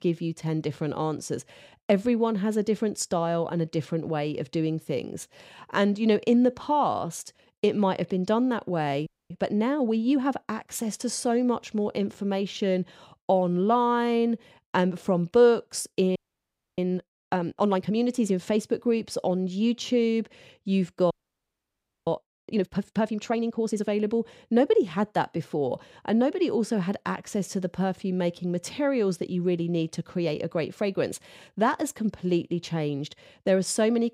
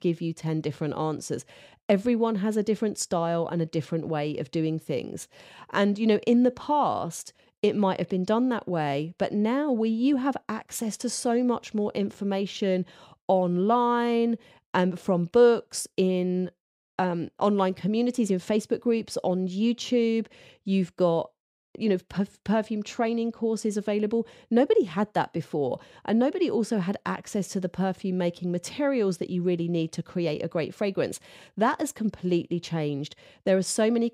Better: second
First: audio freezing; at 9 s, at 16 s for 0.5 s and at 21 s for 1 s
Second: none

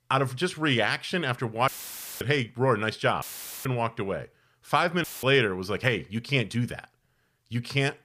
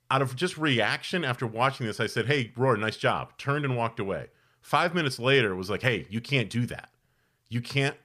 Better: second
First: audio cutting out; filled with static; at 1.5 s for 0.5 s, at 3 s and at 5 s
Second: none

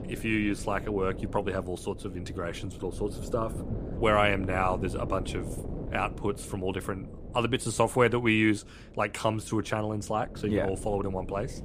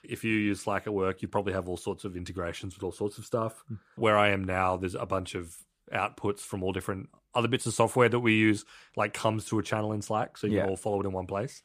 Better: second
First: wind noise on the microphone; occasional gusts; 15 dB below the speech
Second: none

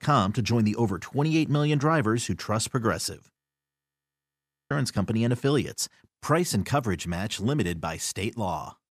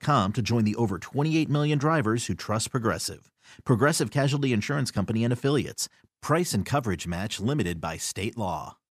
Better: second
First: audio freezing; at 3.5 s for 1.5 s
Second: none

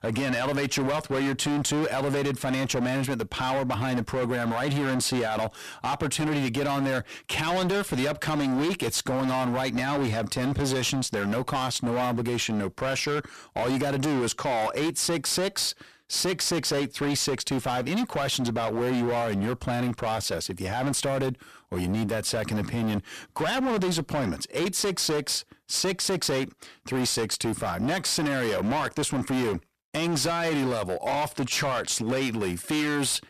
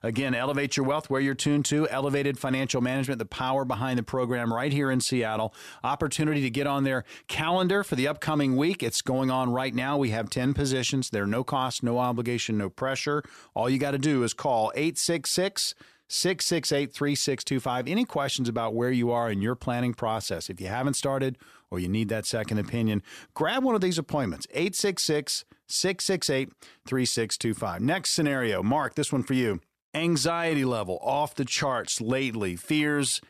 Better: second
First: distortion; heavy; 27% of the sound clipped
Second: none

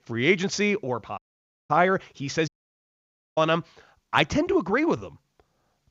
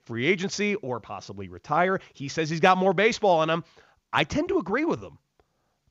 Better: second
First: audio cutting out; at 1 s for 0.5 s and at 2.5 s for 1 s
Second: none

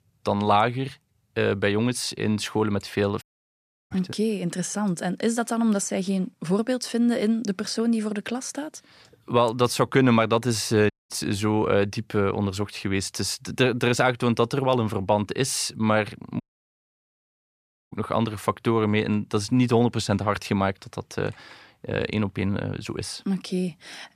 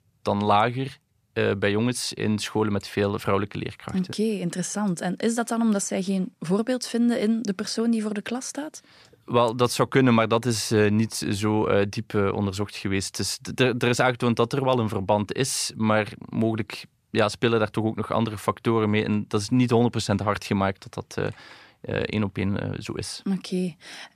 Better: second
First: audio cutting out; at 3 s for 0.5 s, at 11 s and at 16 s for 1.5 s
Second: none

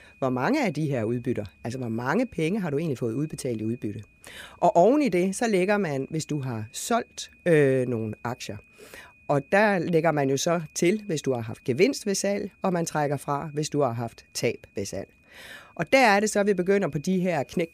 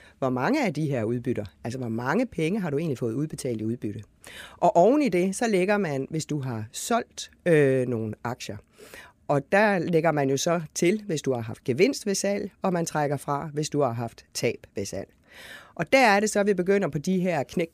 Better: second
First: high-pitched whine; faint; throughout; 2.5 kHz, 30 dB below the speech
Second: none

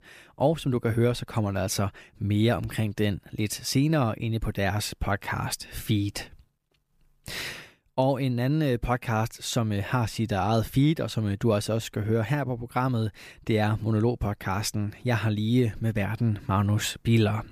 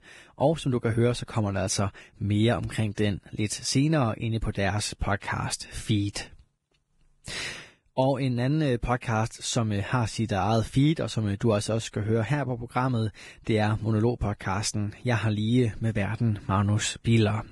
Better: first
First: none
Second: garbled, watery; badly; nothing above 10.5 kHz

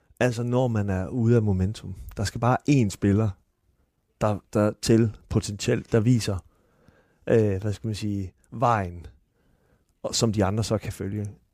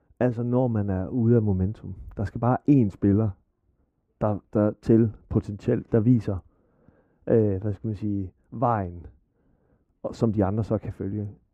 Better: first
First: none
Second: muffled; very; fading above 2.5 kHz

